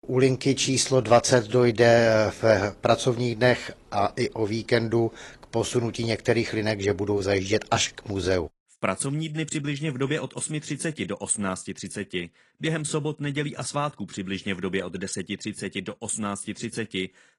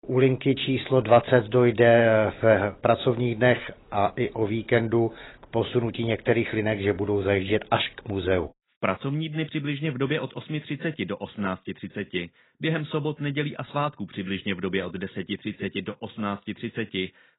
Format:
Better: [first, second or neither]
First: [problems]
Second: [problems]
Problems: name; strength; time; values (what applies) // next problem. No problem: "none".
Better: first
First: garbled, watery; slightly; nothing above 10 kHz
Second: garbled, watery; badly; nothing above 4 kHz